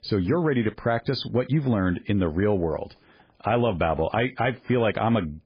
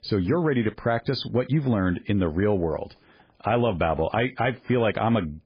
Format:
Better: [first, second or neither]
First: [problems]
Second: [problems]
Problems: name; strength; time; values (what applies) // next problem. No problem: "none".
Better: neither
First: garbled, watery; badly; nothing above 4.5 kHz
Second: garbled, watery; badly; nothing above 4.5 kHz